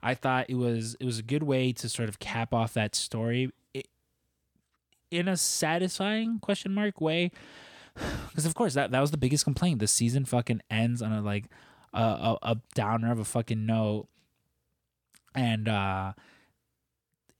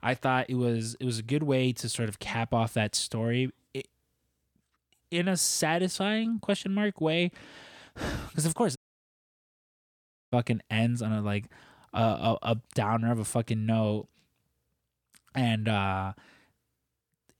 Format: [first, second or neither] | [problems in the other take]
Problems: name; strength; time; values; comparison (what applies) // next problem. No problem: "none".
first | audio cutting out; at 9 s for 1.5 s